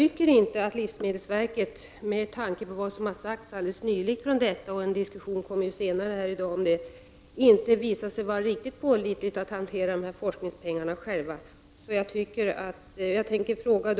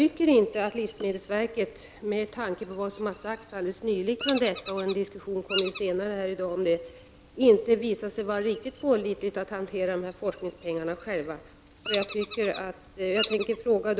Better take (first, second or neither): first